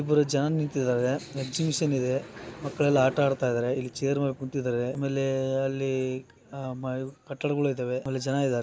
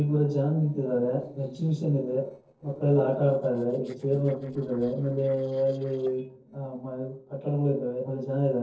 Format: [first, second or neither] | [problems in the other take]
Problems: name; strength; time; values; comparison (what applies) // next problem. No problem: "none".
first | noise reduction (neural separator model SepFormer DNS4)